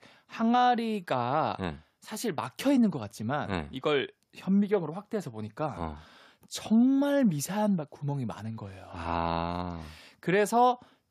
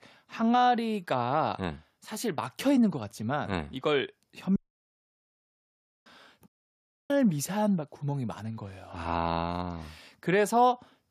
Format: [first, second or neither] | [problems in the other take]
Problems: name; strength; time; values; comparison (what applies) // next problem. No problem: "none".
first | audio cutting out; at 4.5 s for 1.5 s and at 6.5 s for 0.5 s